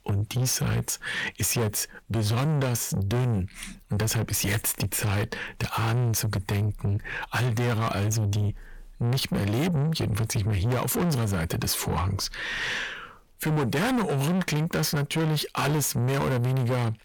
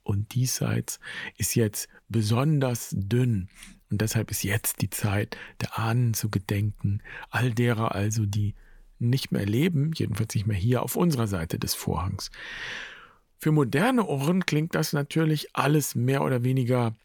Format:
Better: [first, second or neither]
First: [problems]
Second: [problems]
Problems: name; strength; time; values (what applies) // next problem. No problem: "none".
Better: second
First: distortion; heavy; 6 dB below the speech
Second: none